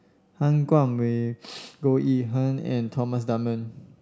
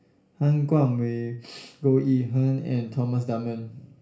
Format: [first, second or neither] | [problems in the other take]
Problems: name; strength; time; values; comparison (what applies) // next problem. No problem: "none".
first | room echo; dies away in 0.3 s